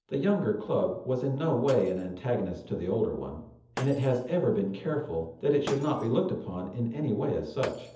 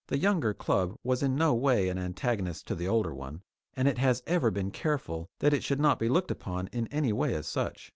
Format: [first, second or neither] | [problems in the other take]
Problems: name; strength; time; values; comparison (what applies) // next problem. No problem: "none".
second | background sound (Shatter); 19 dB below the speech // room echo; dies away in 0.7 s